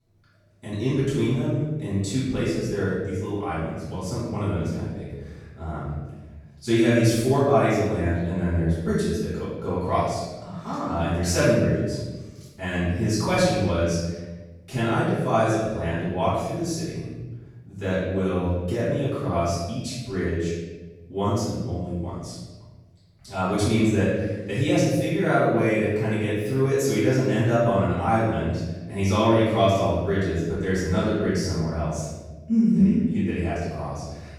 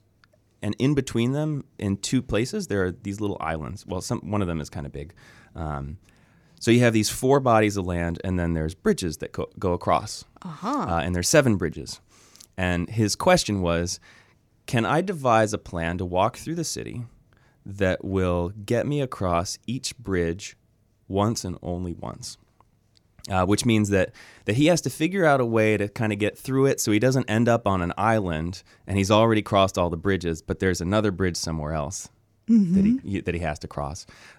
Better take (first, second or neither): second